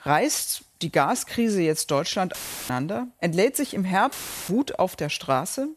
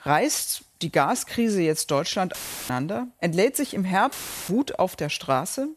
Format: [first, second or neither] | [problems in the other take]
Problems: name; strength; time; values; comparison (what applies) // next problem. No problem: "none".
neither | audio cutting out; filled with static; at 2.5 s and at 4 s; the same in both